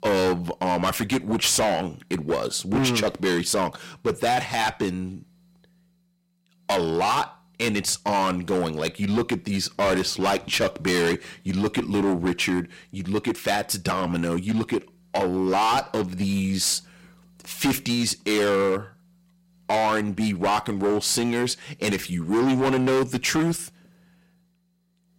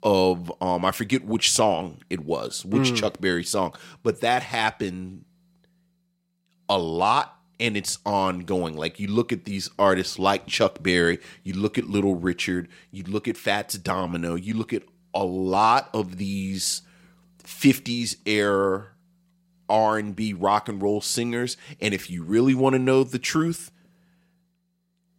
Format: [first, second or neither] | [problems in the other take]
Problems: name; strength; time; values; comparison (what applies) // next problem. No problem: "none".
second | distortion; heavy; 13% of the sound clipped